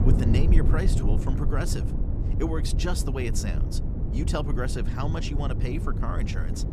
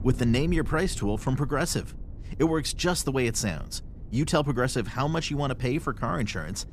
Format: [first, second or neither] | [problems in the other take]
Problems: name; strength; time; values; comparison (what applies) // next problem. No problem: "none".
second | low rumble; loud; throughout; 5 dB below the speech; faint in the second